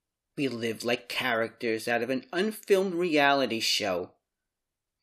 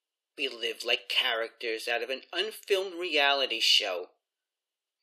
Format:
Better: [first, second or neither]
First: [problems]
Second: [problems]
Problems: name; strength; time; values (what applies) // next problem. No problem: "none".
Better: first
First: none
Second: thin; somewhat; fading below 400 Hz